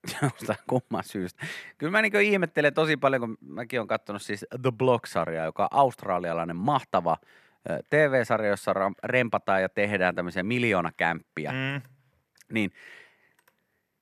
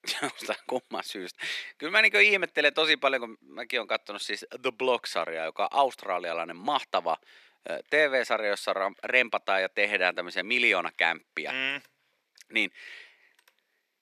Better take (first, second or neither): first